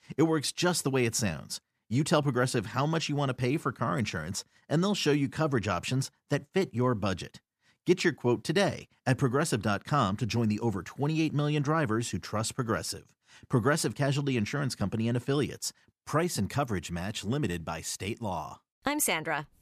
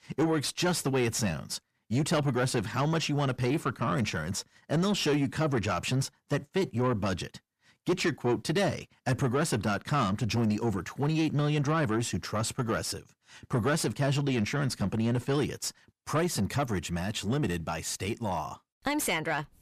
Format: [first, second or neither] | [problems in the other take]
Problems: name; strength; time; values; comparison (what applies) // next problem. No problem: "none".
first | distortion; slight; 10 dB below the speech